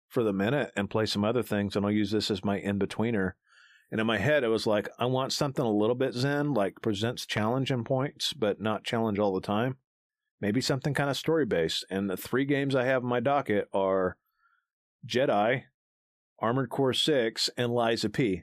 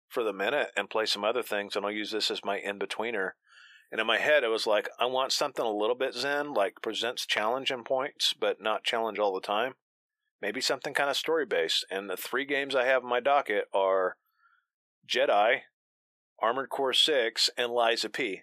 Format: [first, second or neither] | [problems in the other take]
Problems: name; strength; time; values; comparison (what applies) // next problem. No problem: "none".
first | thin; very; fading below 600 Hz